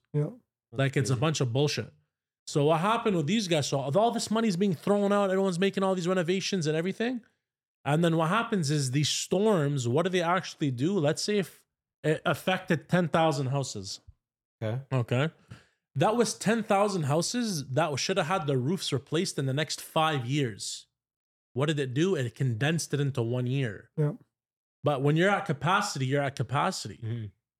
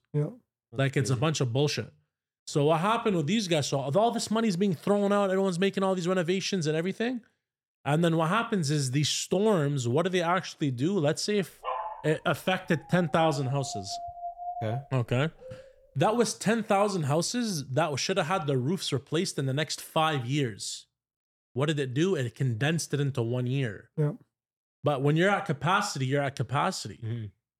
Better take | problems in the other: first | dog barking; noticeable; from 12 to 16 s; peak 6 dB below the speech

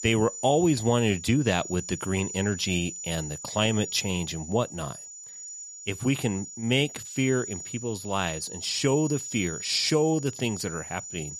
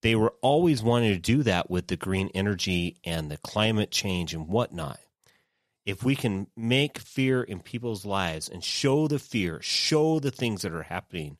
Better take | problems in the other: second | high-pitched whine; loud; throughout; 7 kHz, 9 dB below the speech

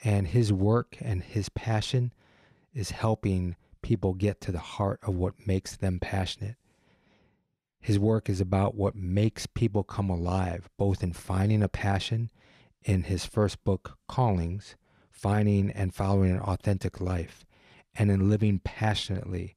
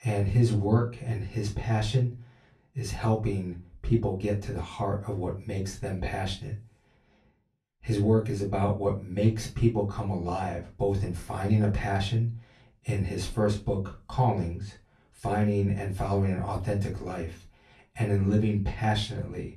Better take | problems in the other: first | off-mic speech; far // room echo; very slight; dies away in 0.2 s

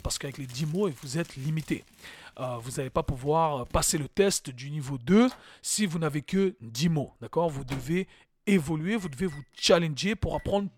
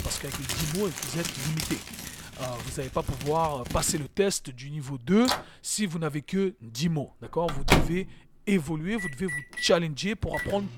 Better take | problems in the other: first | household noises; loud; throughout; 3 dB below the speech; faint in the first

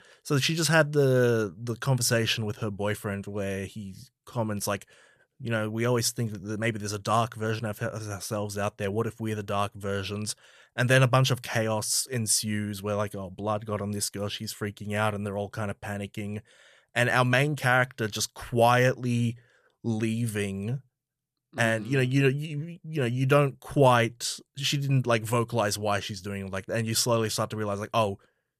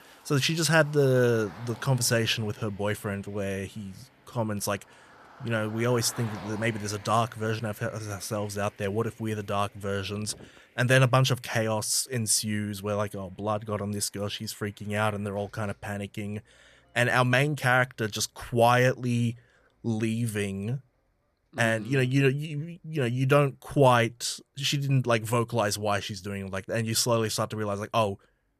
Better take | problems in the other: first | traffic noise; faint; throughout; 25 dB below the speech

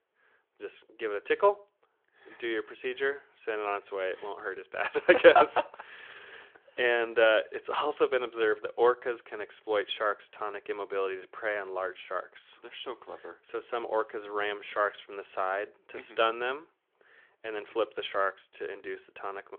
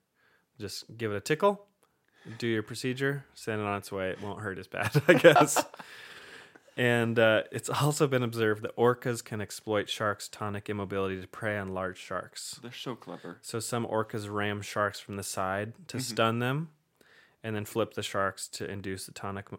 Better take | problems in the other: second | phone-call audio; nothing above 3.5 kHz

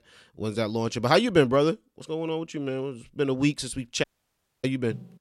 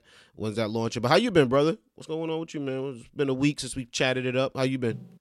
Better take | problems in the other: second | audio cutting out; at 4 s for 0.5 s

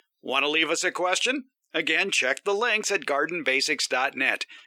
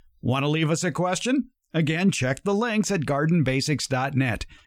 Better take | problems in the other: second | thin; very; fading below 350 Hz

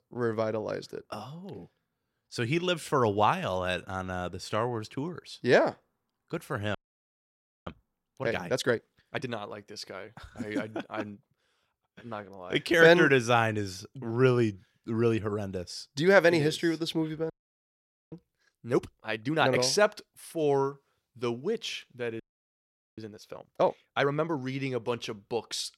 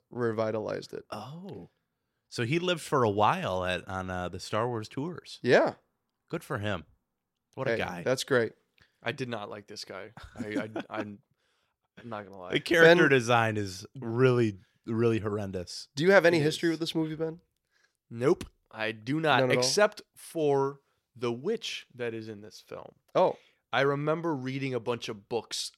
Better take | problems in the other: second | audio freezing; at 7 s for 1 s, at 17 s for 1 s and at 22 s for 1 s

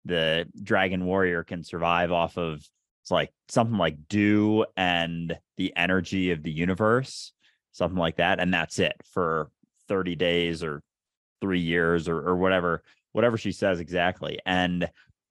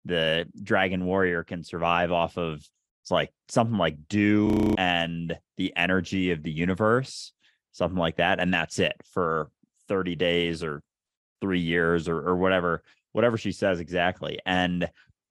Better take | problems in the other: first | audio freezing; at 4.5 s

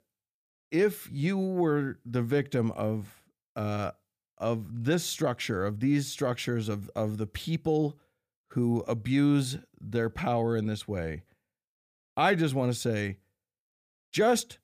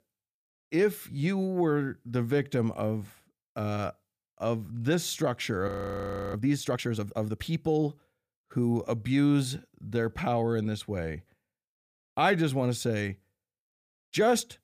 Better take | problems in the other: first | audio freezing; at 5.5 s for 0.5 s

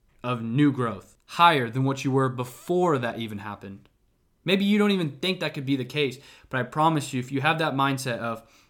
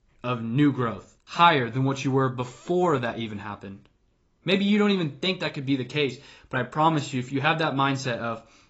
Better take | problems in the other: first | garbled, watery; badly; nothing above 7.5 kHz

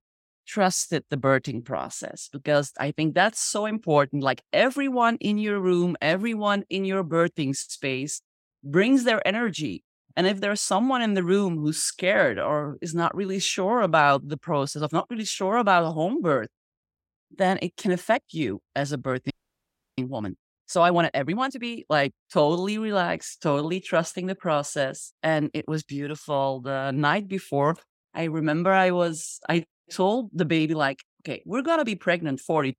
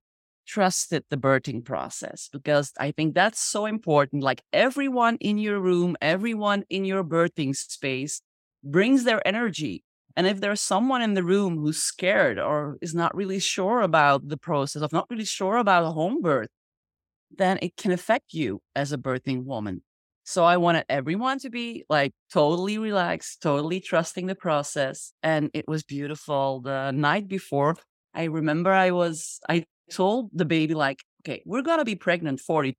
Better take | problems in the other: second | audio freezing; at 19 s for 0.5 s

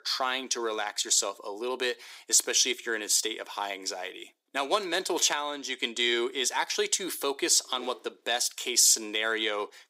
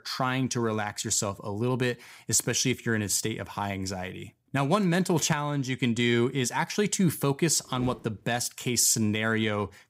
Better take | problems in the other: second | thin; very; fading below 350 Hz

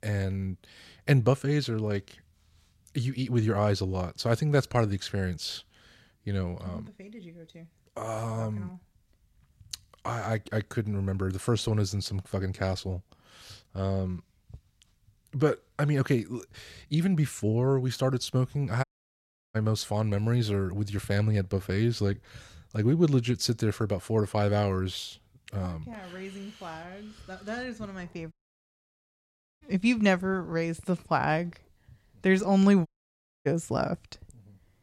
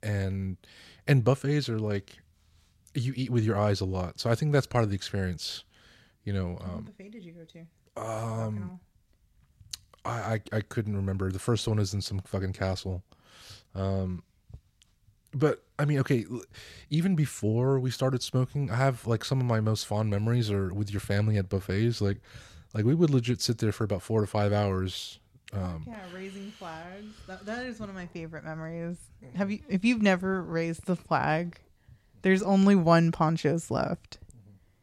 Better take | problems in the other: second | audio cutting out; at 19 s for 0.5 s, at 28 s for 1.5 s and at 33 s for 0.5 s

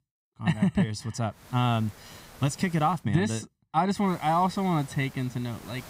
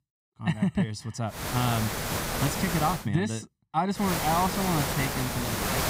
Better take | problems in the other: first | hiss; loud; from 1.5 to 3 s and from 4 s on; 1 dB below the speech; faint in the first

